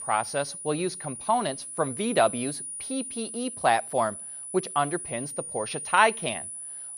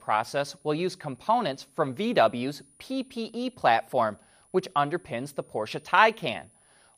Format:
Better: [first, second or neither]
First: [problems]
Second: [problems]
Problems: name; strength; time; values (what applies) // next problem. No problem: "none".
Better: second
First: high-pitched whine; loud; throughout; 10 kHz, 7 dB below the speech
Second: high-pitched whine; faint; throughout; 10 kHz, 30 dB below the speech